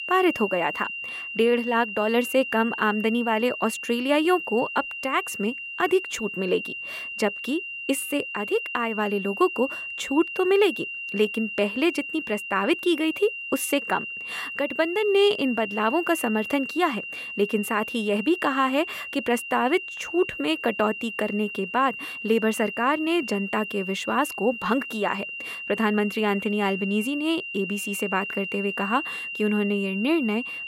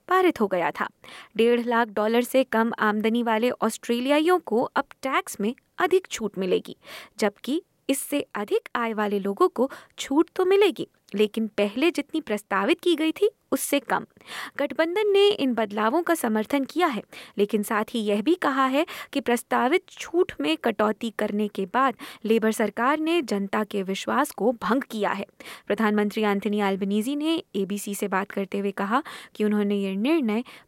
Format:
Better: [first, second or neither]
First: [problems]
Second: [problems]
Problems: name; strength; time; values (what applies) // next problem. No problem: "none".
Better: second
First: high-pitched whine; loud; throughout; 3 kHz, 7 dB below the speech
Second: none